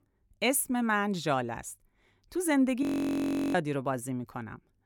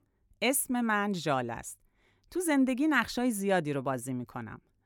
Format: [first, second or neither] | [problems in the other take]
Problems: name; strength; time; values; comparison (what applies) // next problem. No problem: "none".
second | audio freezing; at 3 s for 0.5 s